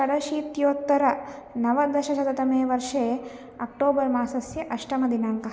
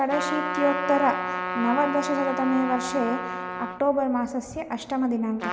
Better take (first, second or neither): first